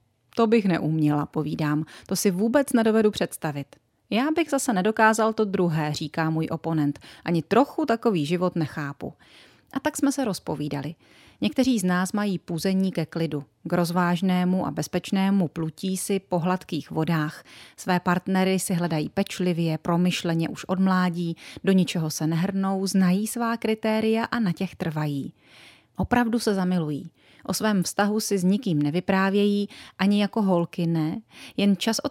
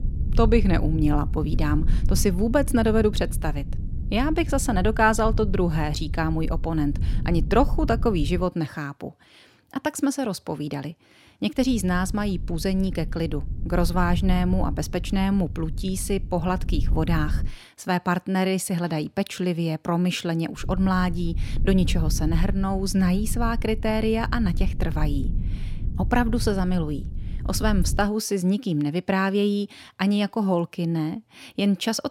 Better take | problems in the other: first | low rumble; noticeable; until 8.5 s, from 12 to 17 s and from 21 to 28 s; 15 dB below the speech

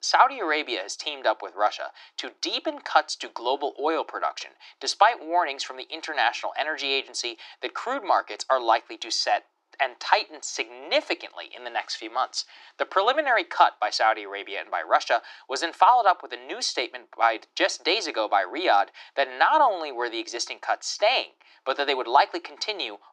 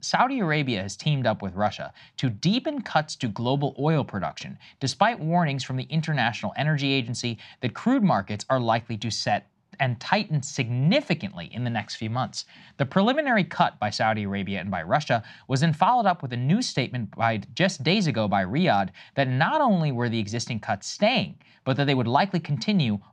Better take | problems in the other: second | thin; very; fading below 300 Hz

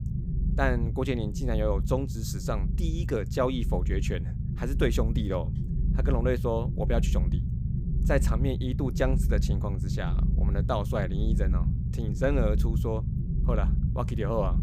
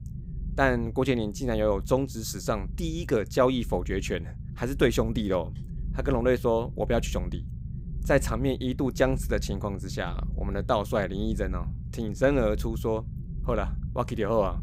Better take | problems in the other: second | low rumble; loud; throughout; 10 dB below the speech; faint in the second

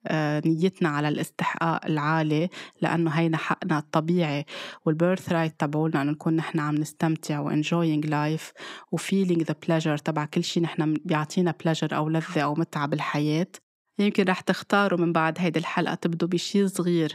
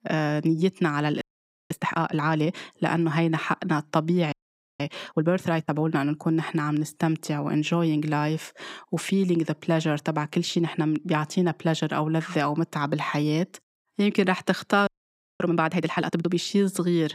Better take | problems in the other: first | audio freezing; at 1 s, at 4.5 s and at 15 s for 0.5 s

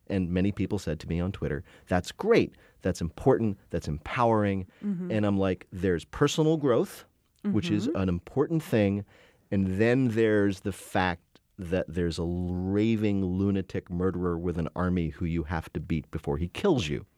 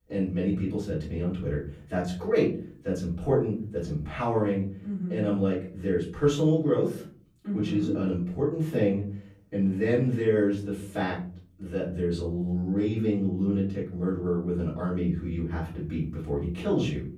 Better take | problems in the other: first | off-mic speech; far // room echo; slight; dies away in 0.5 s

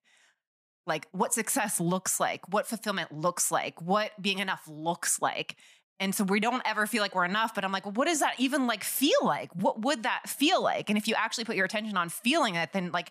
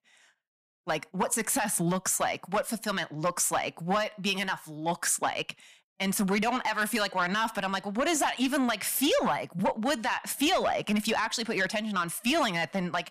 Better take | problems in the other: first | distortion; slight; 10 dB below the speech

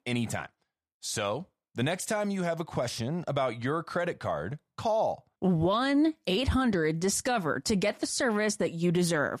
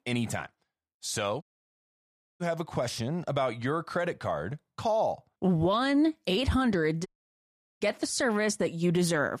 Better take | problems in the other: first | audio cutting out; at 1.5 s for 1 s and at 7 s for 1 s

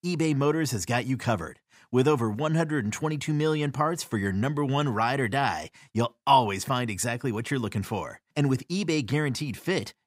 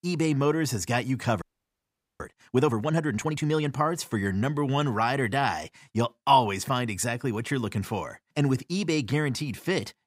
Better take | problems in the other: first | audio freezing; at 1.5 s for 1 s

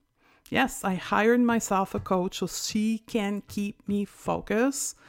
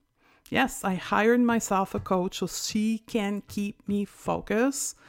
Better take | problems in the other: neither | none

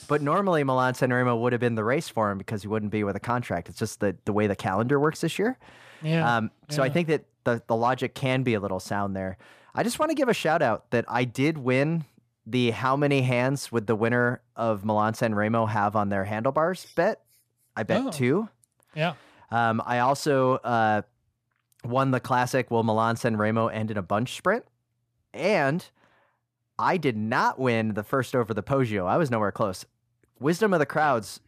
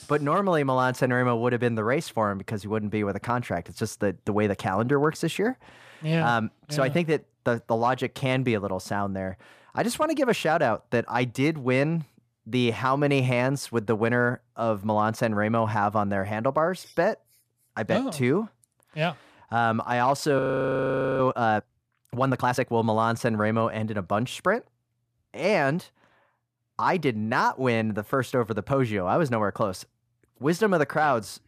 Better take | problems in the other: first | audio freezing; at 20 s for 1 s

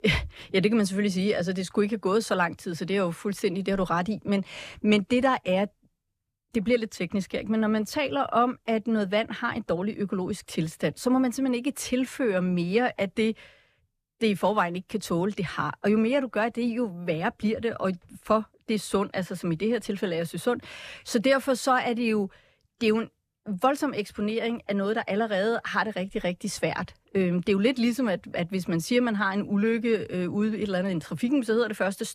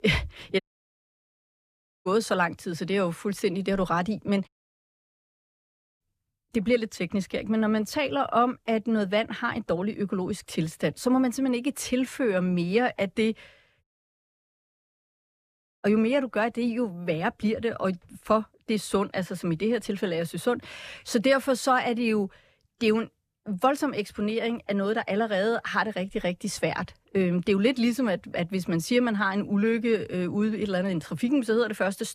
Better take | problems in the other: first | audio cutting out; at 0.5 s for 1.5 s, at 4.5 s for 1.5 s and at 14 s for 2 s

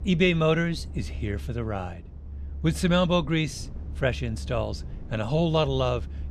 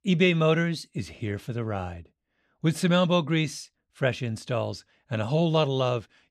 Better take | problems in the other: second | low rumble; faint; throughout; 25 dB below the speech

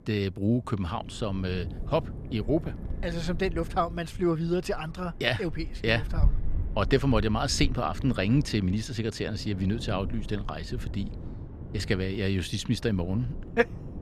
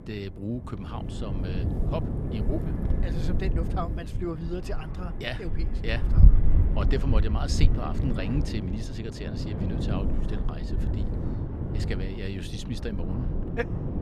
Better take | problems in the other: first | wind noise on the microphone; heavy; 3 dB below the speech; occasional gusts in the first

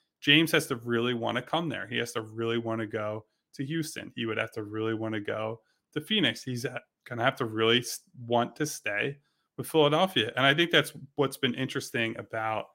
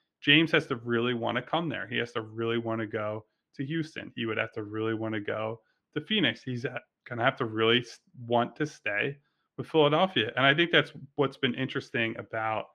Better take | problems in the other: first | muffled; slightly; fading above 2.5 kHz

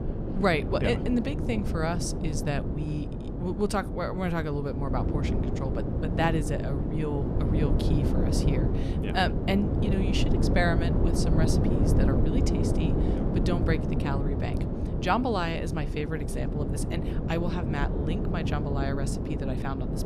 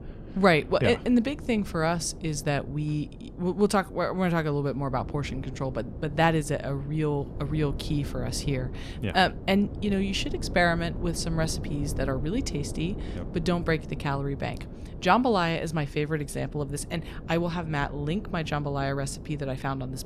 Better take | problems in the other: second | wind noise on the microphone; heavy; 3 dB below the speech; occasional gusts in the second

